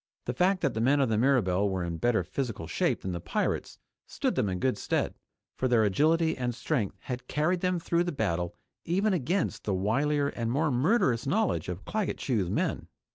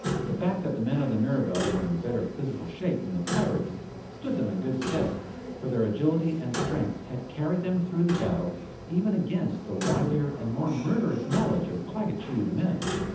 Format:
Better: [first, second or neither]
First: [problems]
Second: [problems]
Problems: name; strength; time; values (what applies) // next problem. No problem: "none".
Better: first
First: none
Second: background sound (Clock); 6 dB below the speech // room echo; dies away in 0.8 s